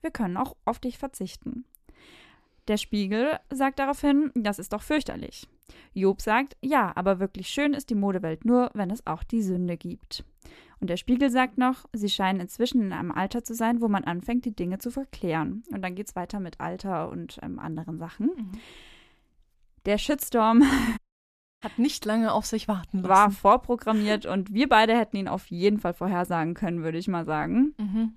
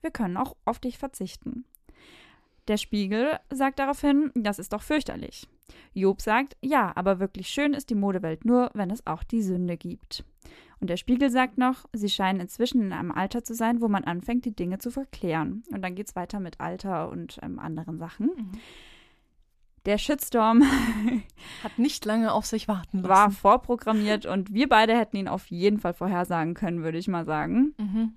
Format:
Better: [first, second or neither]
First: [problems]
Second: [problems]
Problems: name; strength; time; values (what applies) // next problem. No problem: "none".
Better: second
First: audio cutting out; at 21 s for 0.5 s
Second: none